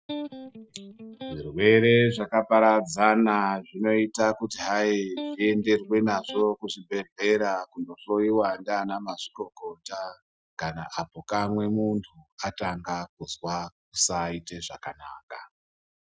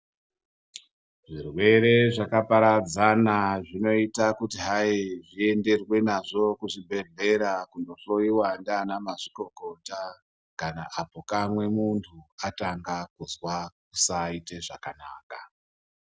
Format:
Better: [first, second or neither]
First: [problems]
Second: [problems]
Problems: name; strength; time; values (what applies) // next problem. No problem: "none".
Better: second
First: noise reduction (classical method Wiener filter)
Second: none